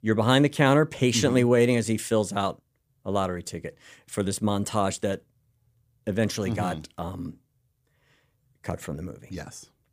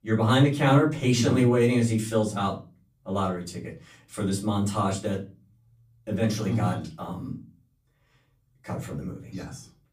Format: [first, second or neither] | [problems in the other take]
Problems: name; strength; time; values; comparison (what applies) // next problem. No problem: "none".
first | off-mic speech; far // room echo; very slight; dies away in 0.3 s